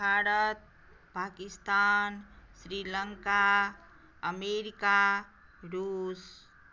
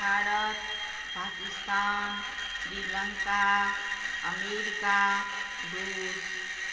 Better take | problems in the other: first | background sound (Screech); 3 dB below the speech // room echo; dies away in 2 s

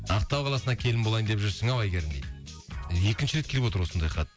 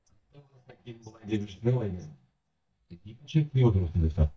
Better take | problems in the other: first | noise reduction (neural mask model DeepFilterNet 3)

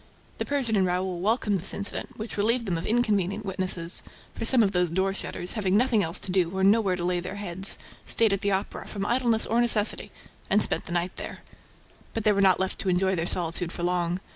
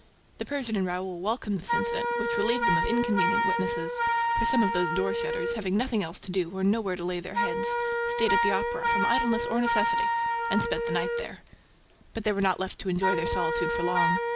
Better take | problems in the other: first | background sound (Wind instrument, woodwind instrument); 1 dB above the speech

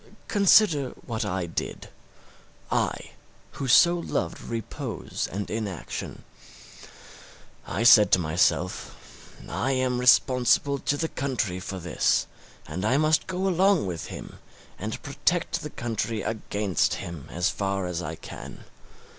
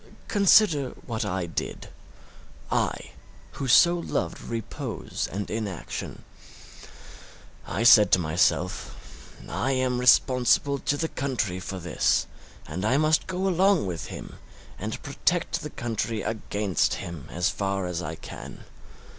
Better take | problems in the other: first | background sound (Gull, seagull); 13 dB below the speech

